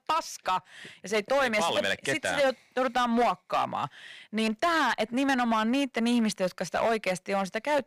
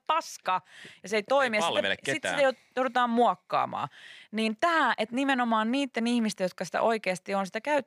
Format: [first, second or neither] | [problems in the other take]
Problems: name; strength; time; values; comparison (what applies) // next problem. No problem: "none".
second | distortion; slight; 7% of the sound clipped